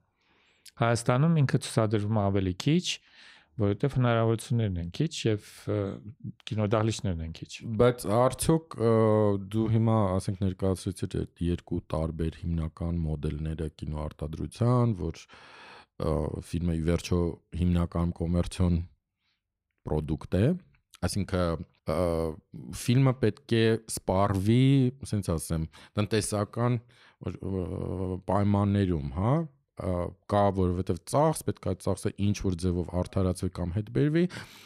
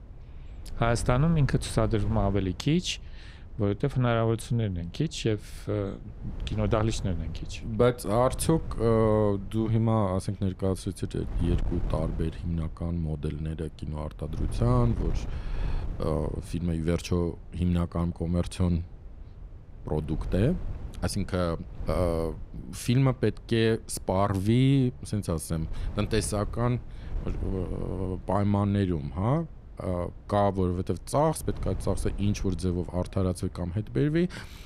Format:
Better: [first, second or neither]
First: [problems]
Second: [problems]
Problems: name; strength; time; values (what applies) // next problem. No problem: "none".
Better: first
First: none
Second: wind noise on the microphone; occasional gusts; 20 dB below the speech